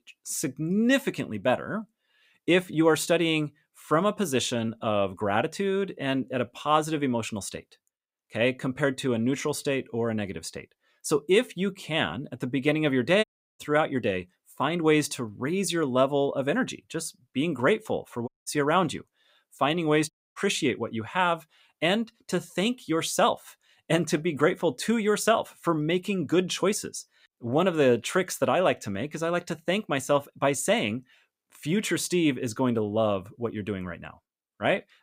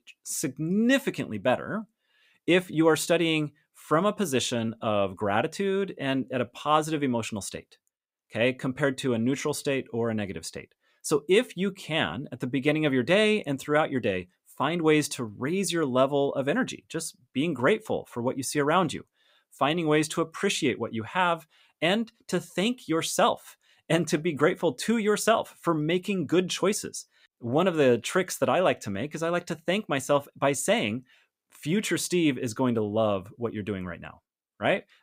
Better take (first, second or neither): second